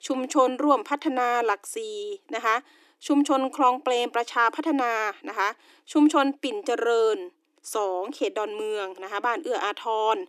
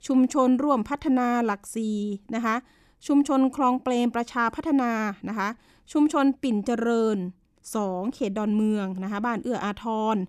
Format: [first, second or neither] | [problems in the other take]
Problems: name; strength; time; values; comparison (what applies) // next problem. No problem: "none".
second | thin; somewhat; fading below 300 Hz